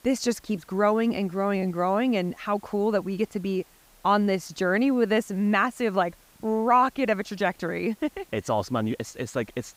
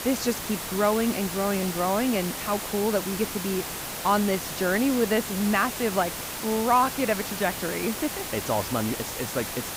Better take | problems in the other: first | hiss; loud; throughout; 5 dB below the speech; faint in the first

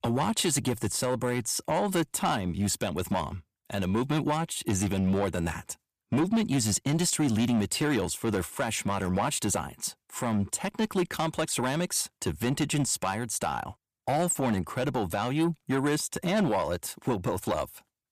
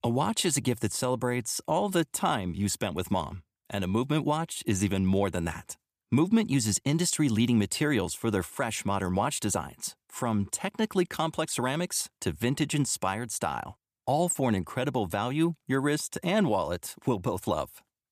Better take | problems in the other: second | distortion; slight; 10 dB below the speech

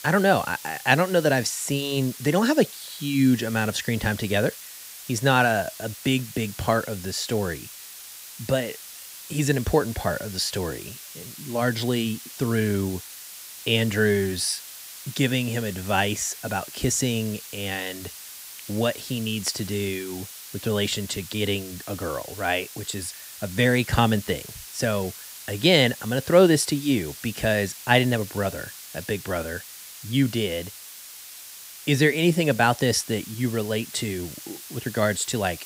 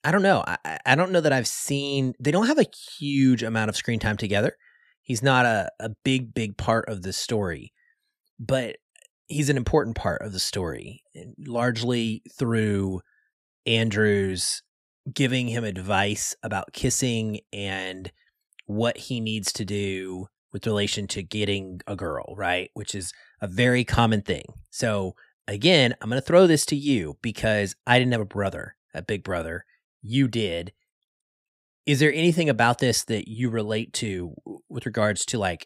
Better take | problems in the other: second | hiss; noticeable; throughout; 15 dB below the speech

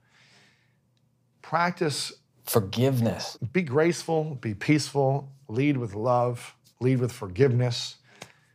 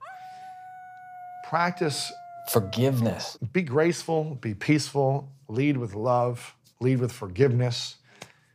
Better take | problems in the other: first | dog barking; faint; until 3 s; peak 15 dB below the speech

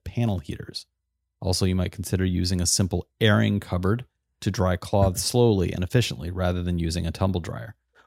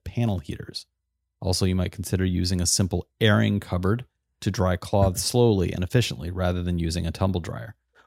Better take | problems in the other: neither | none

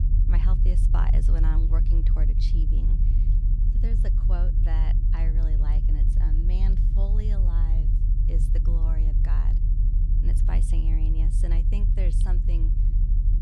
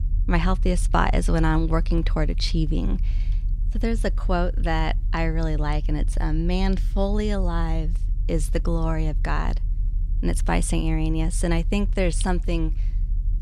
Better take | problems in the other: second | low rumble; loud; throughout; 1 dB below the speech; faint in the second

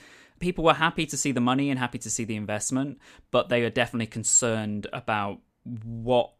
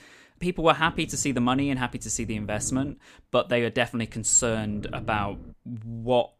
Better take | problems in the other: first | low rumble; faint; from 1 to 3 s and from 4 to 5.5 s; 25 dB below the speech

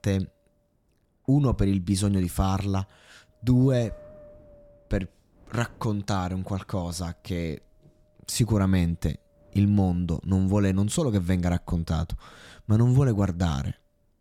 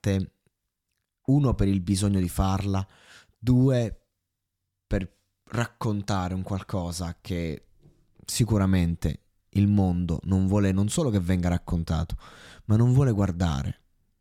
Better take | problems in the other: second | wind noise on the microphone; occasional gusts; 25 dB below the speech

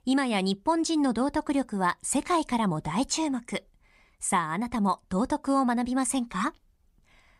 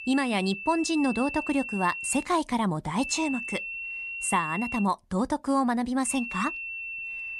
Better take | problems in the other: first | high-pitched whine; loud; until 2 s, from 3 to 5 s and from 6 s on; 2.5 kHz, 6 dB below the speech

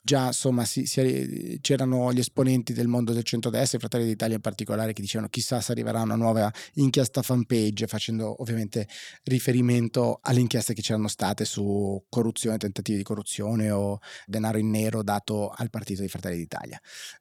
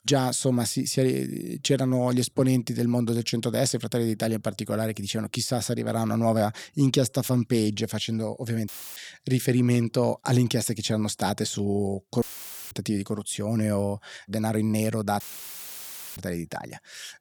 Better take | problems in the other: first | audio cutting out; filled with static; at 8.5 s, at 12 s and at 15 s for 1 s

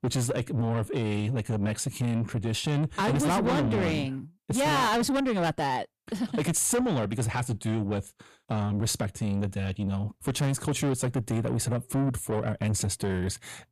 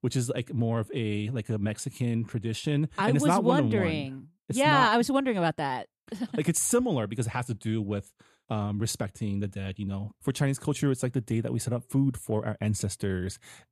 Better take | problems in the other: second | distortion; heavy; 7 dB below the speech

